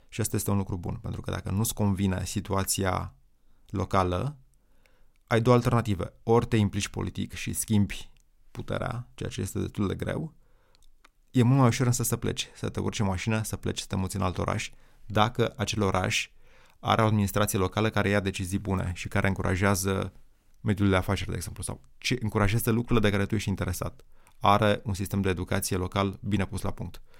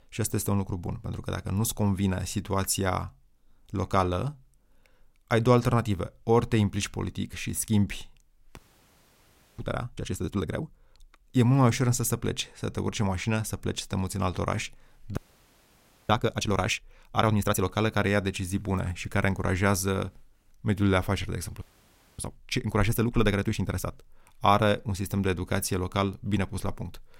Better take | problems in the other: first | audio freezing; at 8.5 s for 1 s, at 15 s for 1 s and at 22 s for 0.5 s

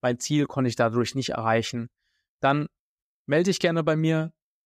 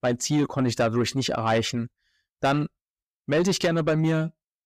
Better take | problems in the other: first | distortion; slight; 10 dB below the speech

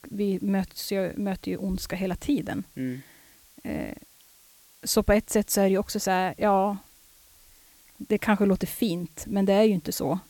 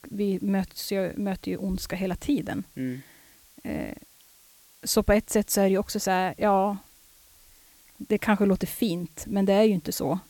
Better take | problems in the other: neither | hiss; faint; throughout; 25 dB below the speech; the same in both

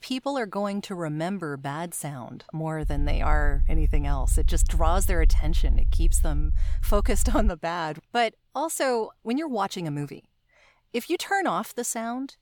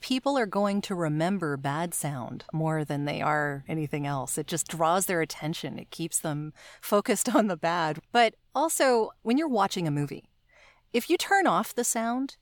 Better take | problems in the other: second | low rumble; faint; from 3 to 7.5 s; 20 dB below the speech

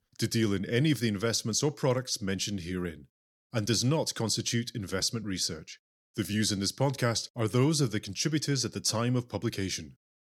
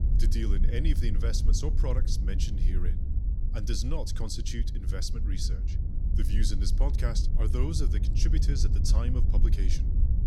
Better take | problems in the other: first | wind noise on the microphone; heavy; 7 dB below the speech

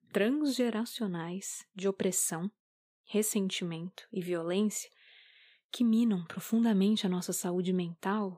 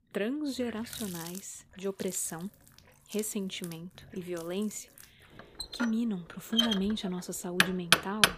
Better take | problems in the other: first | household noises; very loud; throughout; 5 dB above the speech

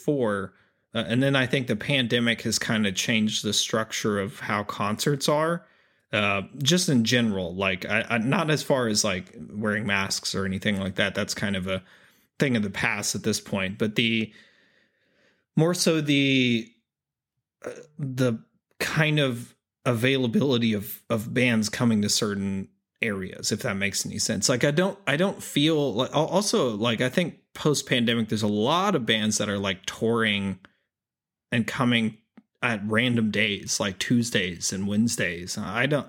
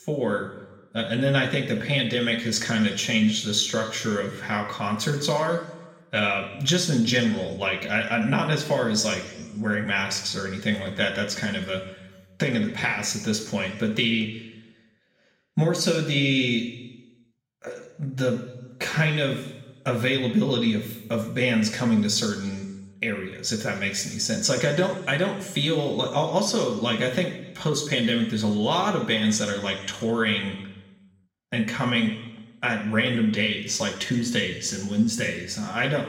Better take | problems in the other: first | room echo; slight; dies away in 1 s // off-mic speech; somewhat distant

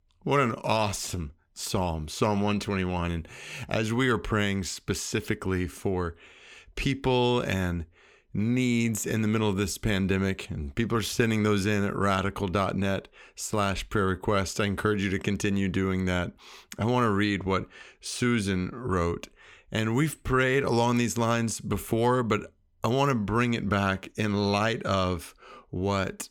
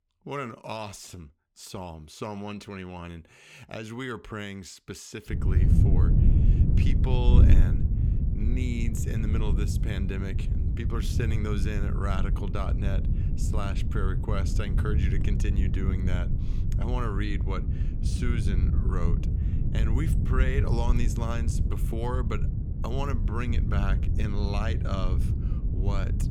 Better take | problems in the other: first | wind noise on the microphone; heavy; from 5.5 s on; 4 dB below the speech

